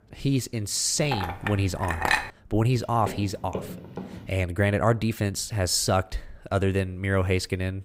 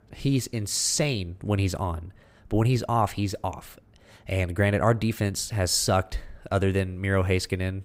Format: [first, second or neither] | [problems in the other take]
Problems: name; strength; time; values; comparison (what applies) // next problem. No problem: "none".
second | clattering dishes; loud; from 1 to 2.5 s; peak 2 dB above the speech // footsteps; faint; from 3 to 4.5 s; peak 10 dB below the speech